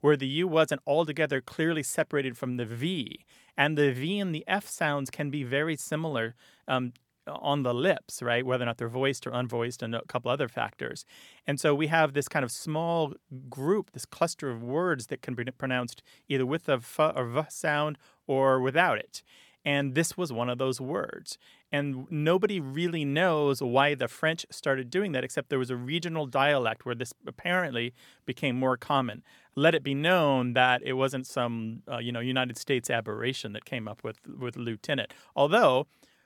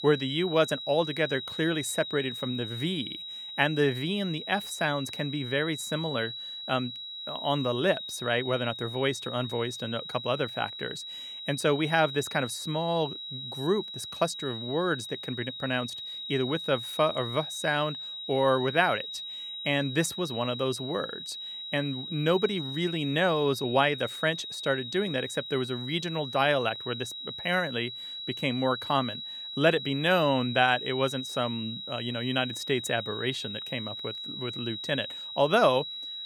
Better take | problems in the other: first | high-pitched whine; loud; throughout; 4 kHz, 7 dB below the speech

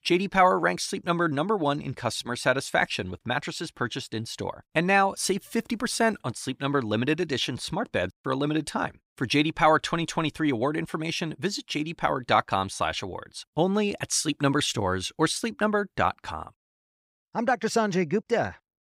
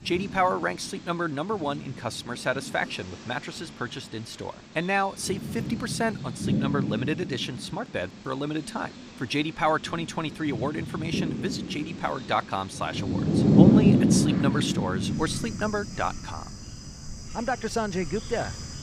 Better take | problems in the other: first | animal sounds; very loud; throughout; 4 dB above the speech

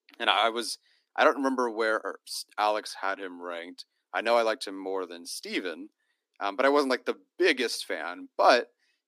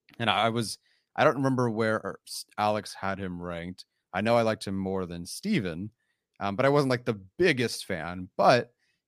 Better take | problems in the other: second | thin; very slightly; fading below 250 Hz

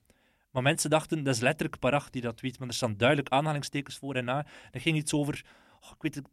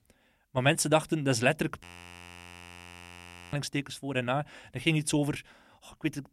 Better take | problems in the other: first | audio freezing; at 2 s for 1.5 s

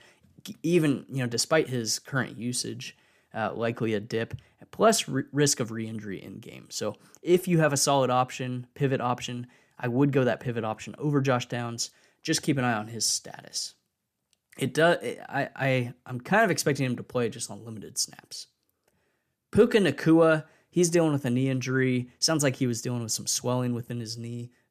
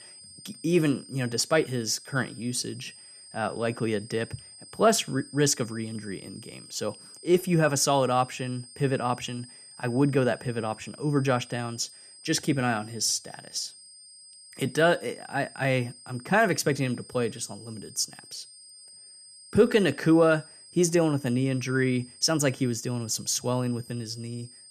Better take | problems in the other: first | high-pitched whine; noticeable; throughout; 5 kHz, 20 dB below the speech

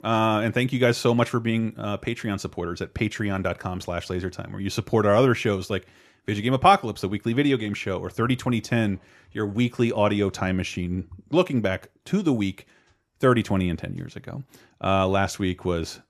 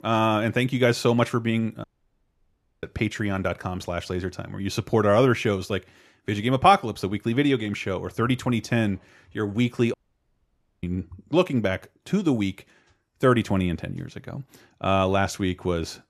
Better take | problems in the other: first | audio cutting out; at 2 s for 1 s and at 10 s for 1 s

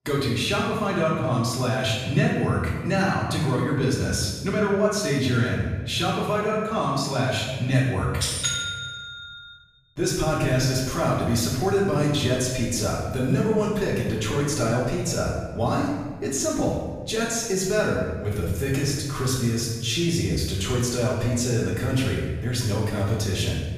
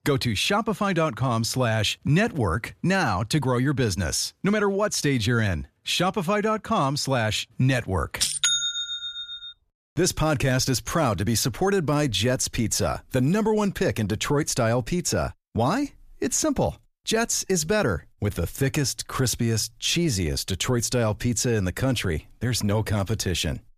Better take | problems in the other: second | off-mic speech; far // room echo; noticeable; dies away in 1.2 s

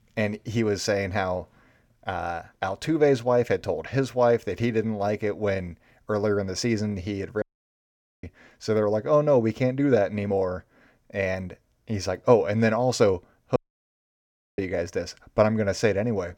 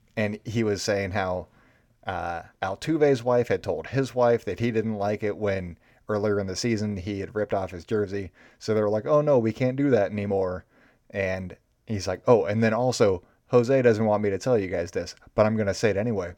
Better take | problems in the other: second | audio cutting out; at 7.5 s for 1 s and at 14 s for 1 s

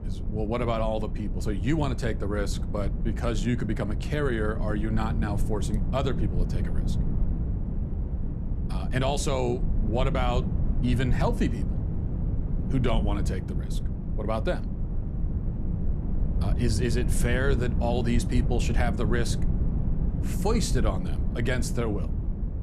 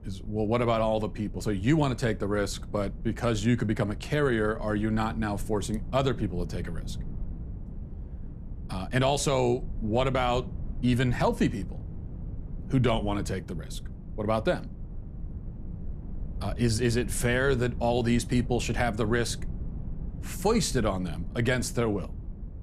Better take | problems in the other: second | low rumble; loud; throughout; 10 dB below the speech; faint in the second

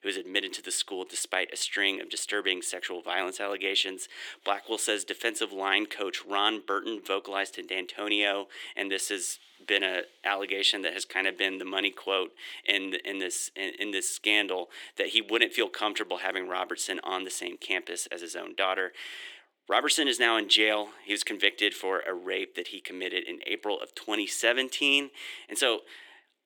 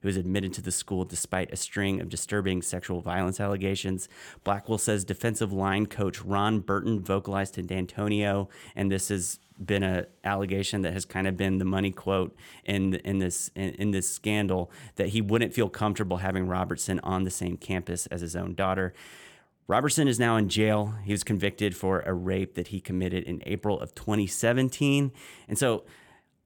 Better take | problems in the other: second | thin; very; fading below 300 Hz

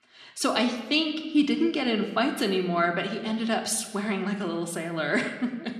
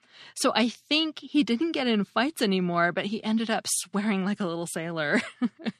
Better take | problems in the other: second | room echo; slight; dies away in 0.9 s

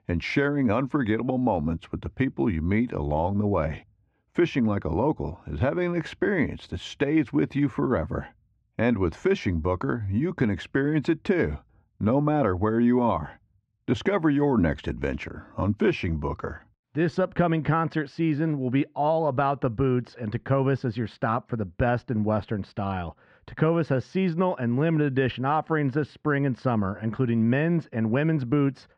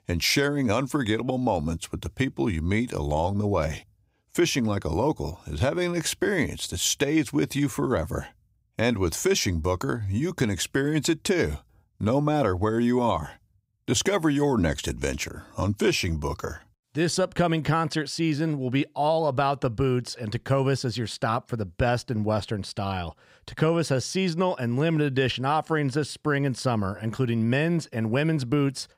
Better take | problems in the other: second | muffled; very; fading above 2 kHz

